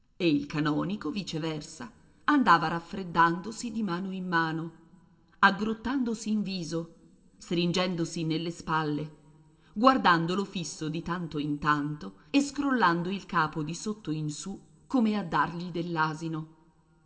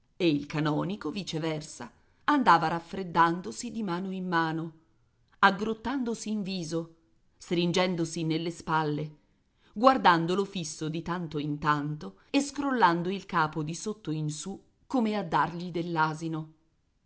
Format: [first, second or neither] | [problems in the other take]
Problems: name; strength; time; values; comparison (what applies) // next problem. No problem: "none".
second | room echo; dies away in 0.6 s